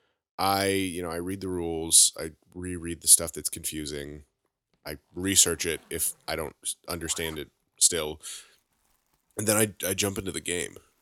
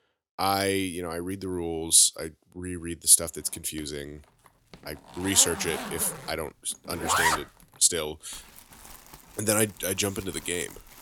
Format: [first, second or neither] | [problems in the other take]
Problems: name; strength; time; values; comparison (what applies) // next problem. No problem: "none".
first | household noises; loud; from 4 s on; 6 dB below the speech; faint in the first